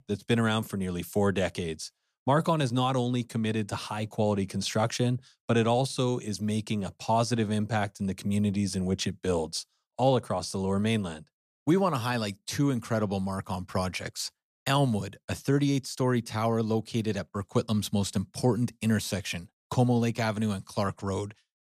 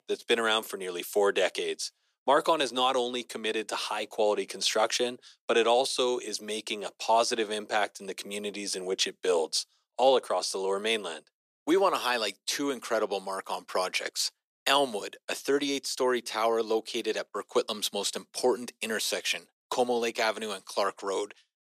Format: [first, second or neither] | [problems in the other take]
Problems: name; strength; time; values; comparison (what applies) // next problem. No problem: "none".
first | thin; very; fading below 350 Hz